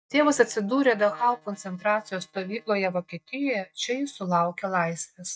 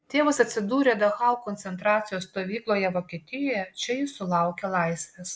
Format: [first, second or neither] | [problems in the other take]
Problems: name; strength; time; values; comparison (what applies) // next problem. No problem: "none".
second | noise reduction (neural mask model DeepFilterNet 3)